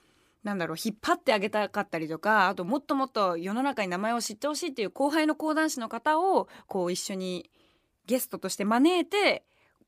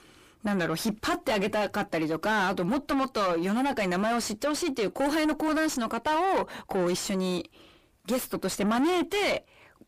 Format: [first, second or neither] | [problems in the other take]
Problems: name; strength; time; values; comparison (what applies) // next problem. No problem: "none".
first | distortion; heavy; 5 dB below the speech